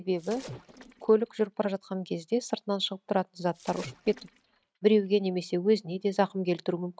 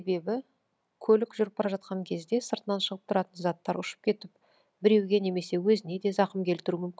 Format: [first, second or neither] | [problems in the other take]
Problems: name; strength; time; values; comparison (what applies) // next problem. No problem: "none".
second | noise reduction (neural mask model RNNoise)